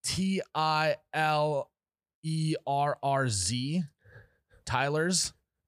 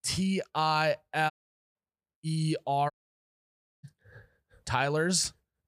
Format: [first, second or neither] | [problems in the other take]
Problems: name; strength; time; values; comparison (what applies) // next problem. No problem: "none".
first | audio cutting out; at 1.5 s and at 3 s for 1 s